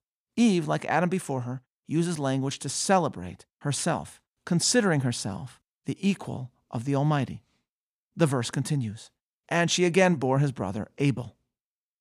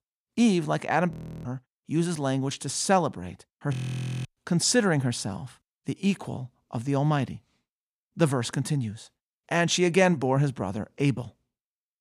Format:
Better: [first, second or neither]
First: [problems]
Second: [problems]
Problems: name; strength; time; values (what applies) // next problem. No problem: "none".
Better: first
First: none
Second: audio freezing; at 1 s and at 3.5 s for 0.5 s